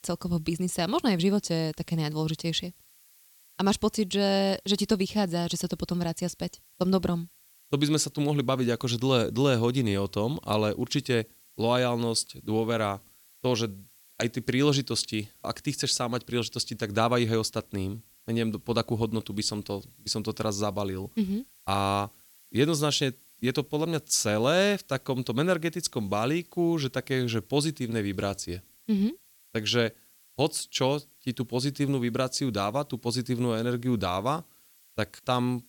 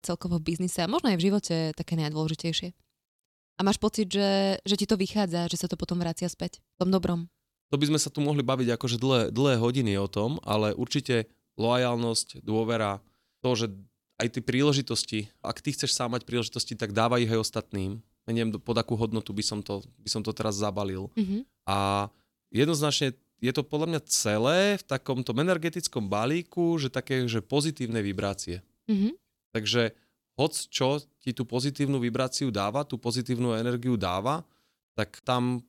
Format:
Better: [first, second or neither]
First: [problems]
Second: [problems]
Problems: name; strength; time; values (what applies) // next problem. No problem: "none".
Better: second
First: hiss; faint; throughout; 25 dB below the speech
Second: none